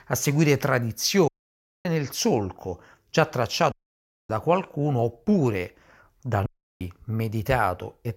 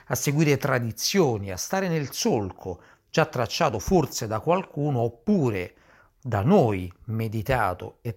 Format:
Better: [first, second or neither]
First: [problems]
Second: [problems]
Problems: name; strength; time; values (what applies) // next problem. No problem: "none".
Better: second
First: audio cutting out; at 1.5 s for 0.5 s, at 3.5 s for 0.5 s and at 6.5 s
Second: none